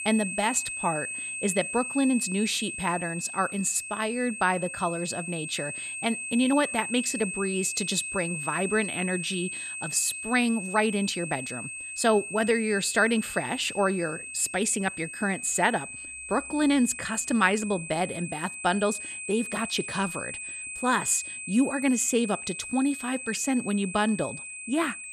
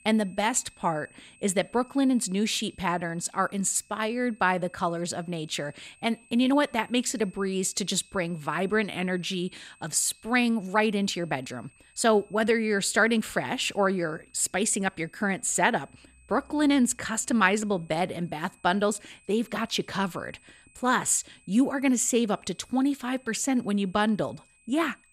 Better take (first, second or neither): second